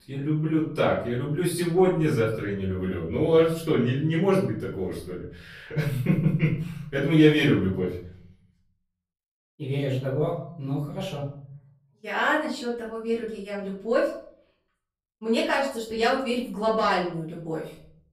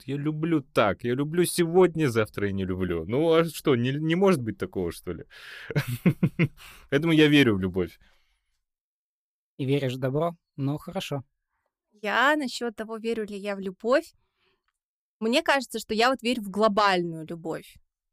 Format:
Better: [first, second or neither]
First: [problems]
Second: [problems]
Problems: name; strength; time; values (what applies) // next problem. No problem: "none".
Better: second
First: off-mic speech; far // room echo; noticeable; dies away in 0.7 s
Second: none